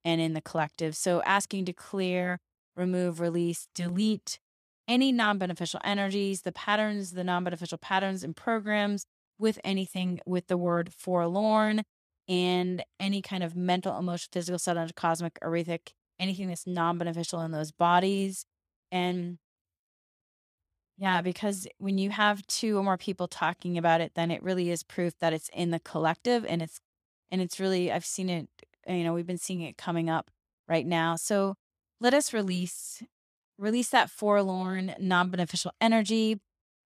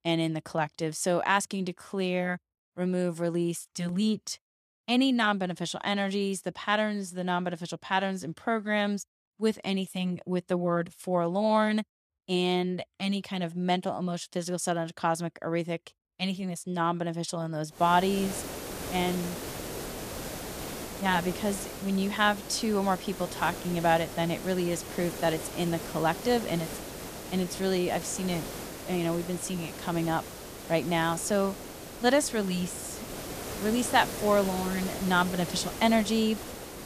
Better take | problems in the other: first | hiss; loud; from 18 s on; 9 dB below the speech

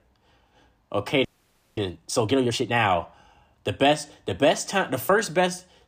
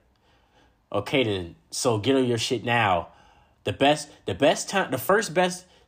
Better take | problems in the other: second | audio freezing; at 1.5 s for 0.5 s

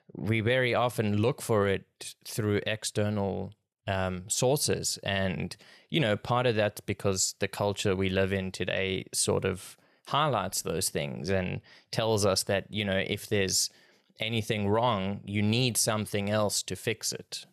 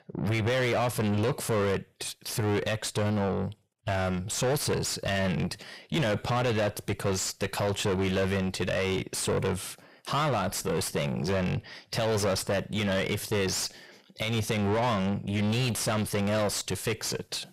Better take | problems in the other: first | distortion; heavy; 5 dB below the speech

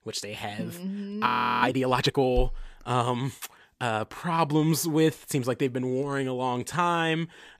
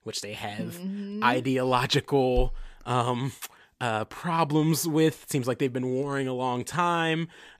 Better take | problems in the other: second | audio freezing; at 1.5 s

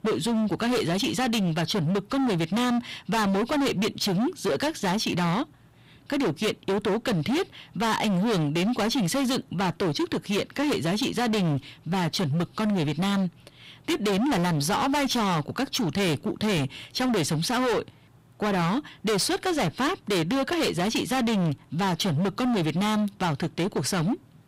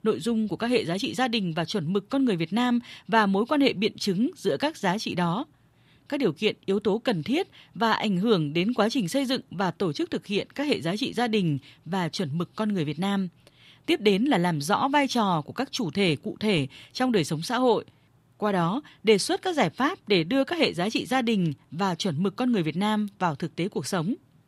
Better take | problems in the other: second | distortion; heavy; 31% of the sound clipped

